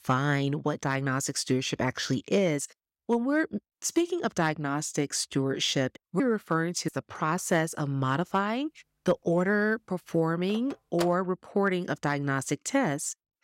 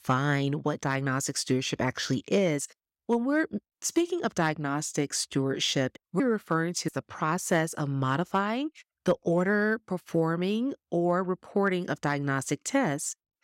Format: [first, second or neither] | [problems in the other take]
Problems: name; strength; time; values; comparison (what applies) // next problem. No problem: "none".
second | phone ringing; noticeable; from 7 to 11 s; peak 10 dB below the speech